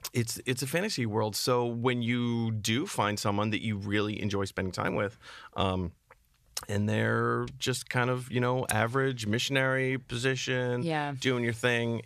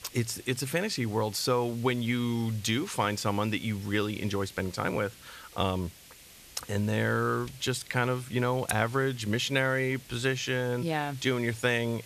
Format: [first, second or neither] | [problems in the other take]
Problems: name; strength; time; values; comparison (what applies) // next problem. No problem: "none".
first | hiss; noticeable; throughout; 20 dB below the speech